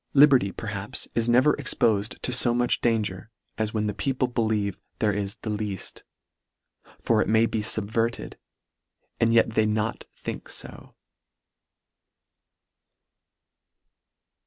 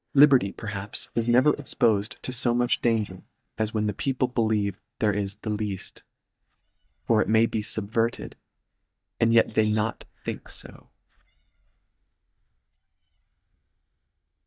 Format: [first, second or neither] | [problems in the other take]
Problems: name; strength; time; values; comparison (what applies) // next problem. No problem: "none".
first | noise reduction (neural mask model DeepFilterNet 3)